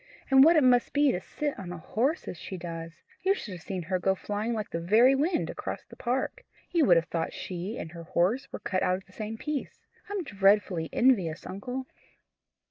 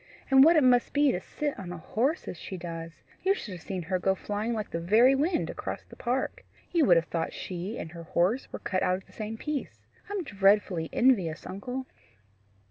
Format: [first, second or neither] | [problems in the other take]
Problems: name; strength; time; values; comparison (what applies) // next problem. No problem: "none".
second | noise reduction (neural mask model Resemble Enhance denoiser)